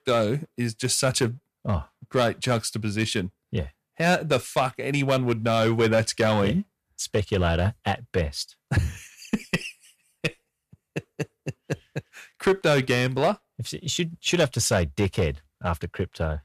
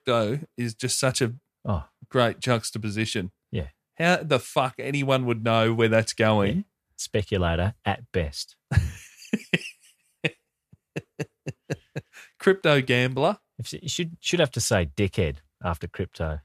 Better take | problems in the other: second | distortion; slight; 3% of the sound clipped

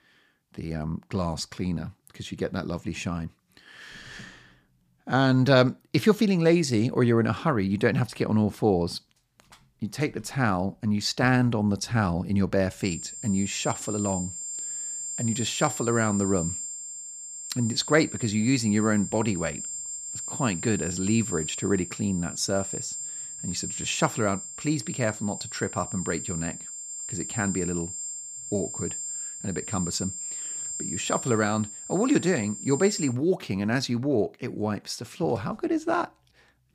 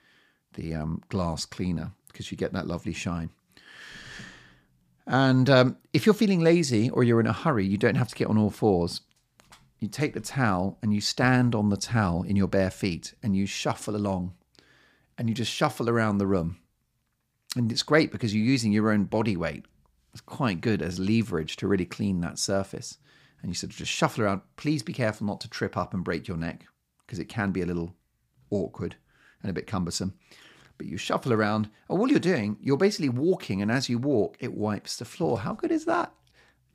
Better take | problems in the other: second | high-pitched whine; loud; from 13 to 33 s; 7.5 kHz, 7 dB below the speech

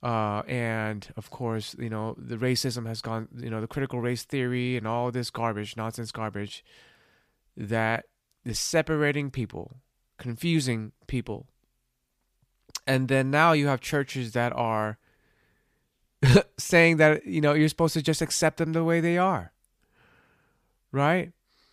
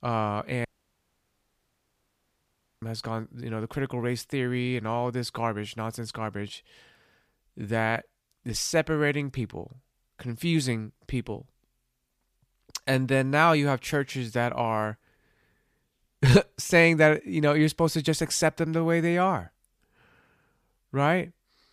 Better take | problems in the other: first | audio cutting out; at 0.5 s for 2 s

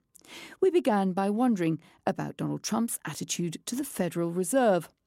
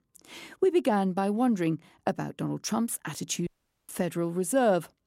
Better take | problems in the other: first | audio cutting out; at 3.5 s

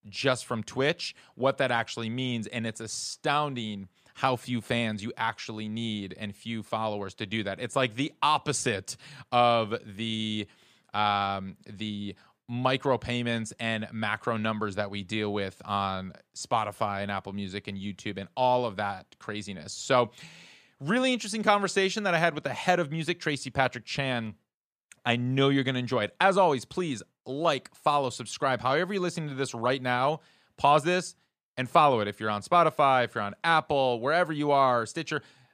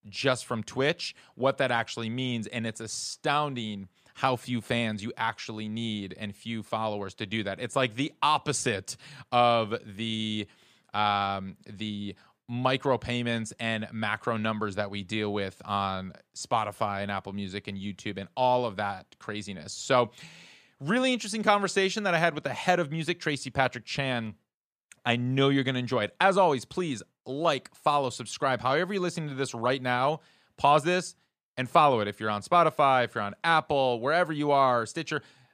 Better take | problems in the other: neither | none

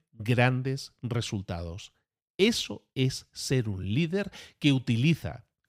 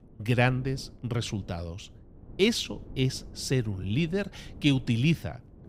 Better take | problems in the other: first | wind noise on the microphone; occasional gusts; 25 dB below the speech

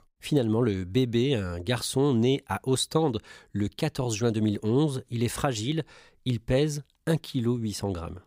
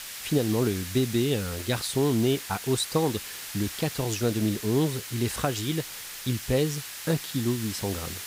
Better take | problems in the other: first | hiss; loud; throughout; 8 dB below the speech

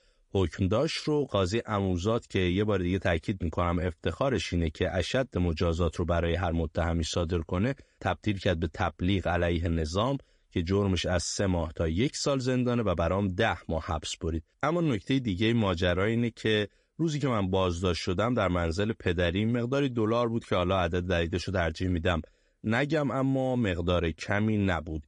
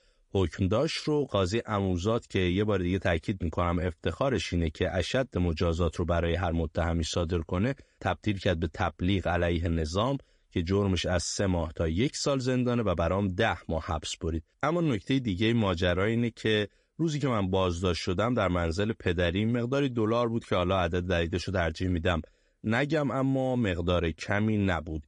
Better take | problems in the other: neither | garbled, watery; slightly; nothing above 10 kHz; the same in both

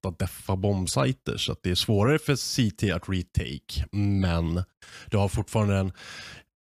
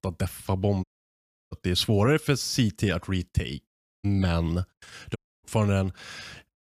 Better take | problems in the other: first | audio cutting out; at 1 s for 0.5 s, at 3.5 s and at 5 s

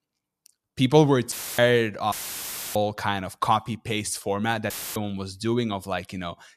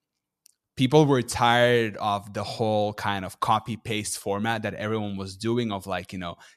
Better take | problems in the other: second | audio cutting out; filled with static; at 1.5 s, at 2 s for 0.5 s and at 4.5 s

